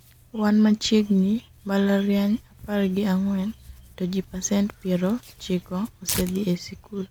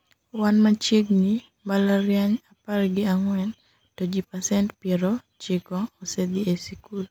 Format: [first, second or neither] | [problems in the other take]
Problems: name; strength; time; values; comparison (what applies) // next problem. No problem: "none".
second | background sound (Tearing); 18 dB below the speech